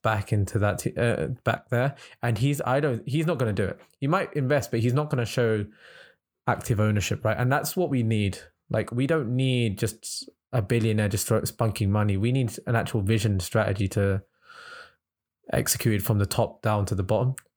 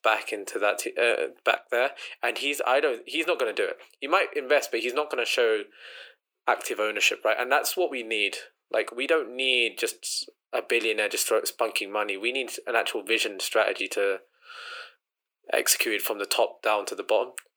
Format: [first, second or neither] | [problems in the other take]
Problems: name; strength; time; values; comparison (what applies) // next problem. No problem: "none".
first | thin; very; fading below 350 Hz